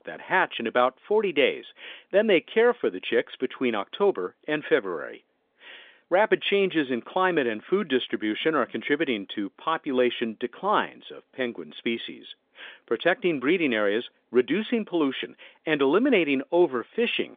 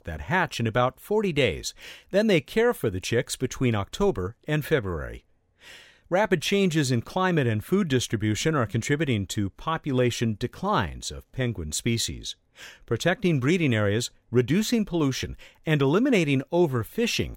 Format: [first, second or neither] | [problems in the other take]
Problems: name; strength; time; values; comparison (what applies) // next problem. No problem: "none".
second | phone-call audio; nothing above 3.5 kHz